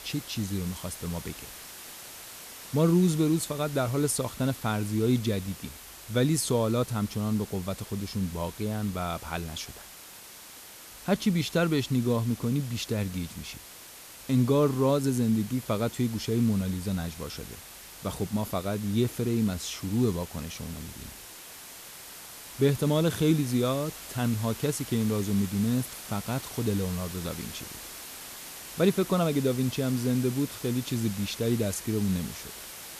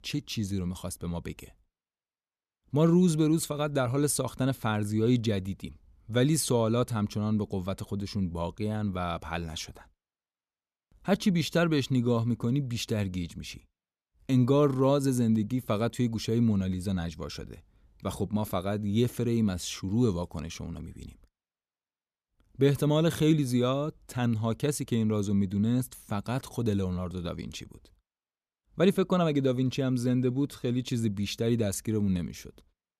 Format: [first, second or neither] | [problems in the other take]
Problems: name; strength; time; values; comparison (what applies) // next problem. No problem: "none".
second | hiss; noticeable; throughout; 15 dB below the speech